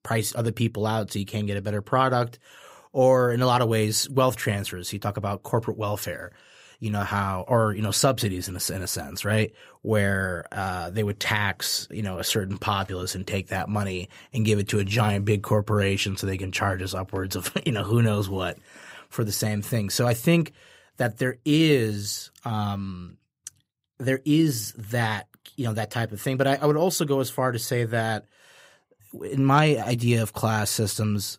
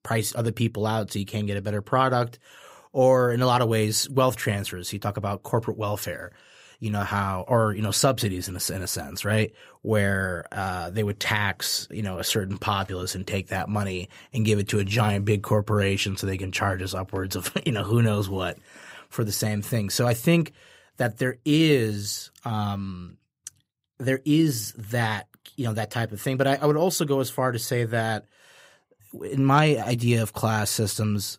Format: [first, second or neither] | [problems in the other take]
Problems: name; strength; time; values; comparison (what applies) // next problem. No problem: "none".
neither | none